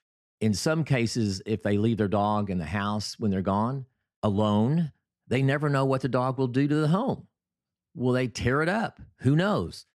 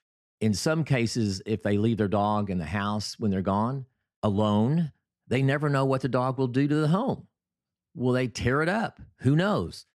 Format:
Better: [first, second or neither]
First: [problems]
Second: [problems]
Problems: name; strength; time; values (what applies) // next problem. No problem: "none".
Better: neither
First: none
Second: none